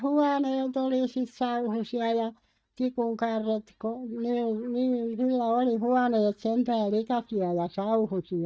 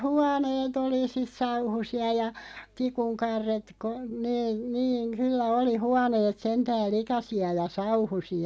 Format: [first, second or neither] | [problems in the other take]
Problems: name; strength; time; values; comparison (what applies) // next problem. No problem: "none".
second | noise reduction (neural mask model DeepFilterNet 3)